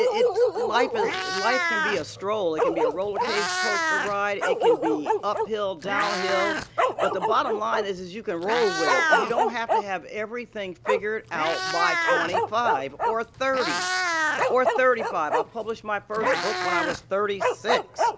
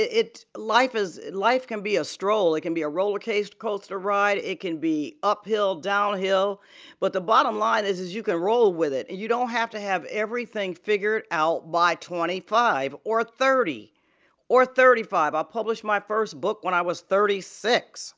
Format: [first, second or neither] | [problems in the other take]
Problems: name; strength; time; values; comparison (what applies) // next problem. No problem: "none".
second | background sound (Meow + Bark); 2 dB above the speech